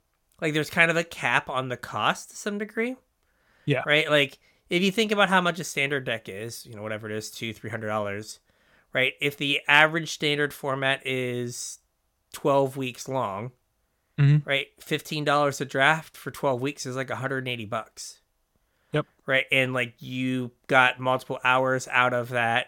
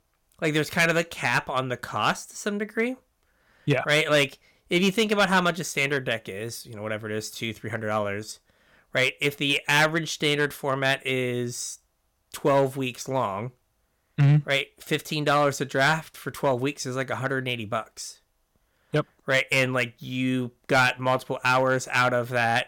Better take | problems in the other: first | distortion; slight; 2% of the sound clipped

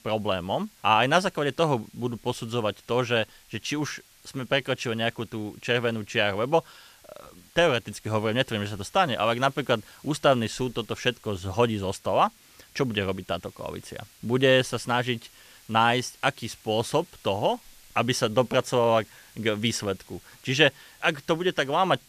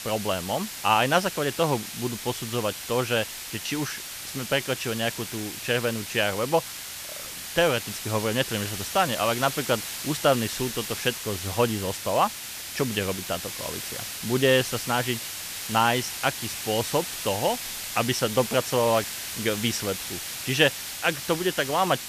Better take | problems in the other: first | hiss; loud; throughout; 6 dB below the speech; faint in the first

